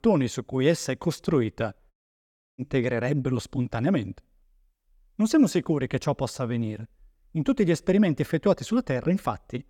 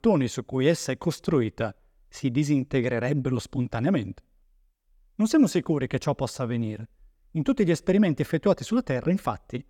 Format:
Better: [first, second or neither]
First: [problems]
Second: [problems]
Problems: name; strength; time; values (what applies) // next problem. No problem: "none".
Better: second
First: audio cutting out; at 2 s for 0.5 s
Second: none